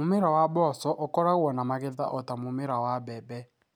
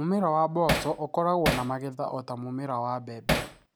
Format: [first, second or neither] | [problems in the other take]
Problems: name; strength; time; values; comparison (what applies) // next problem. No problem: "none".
first | background sound (Hammer); 1 dB below the speech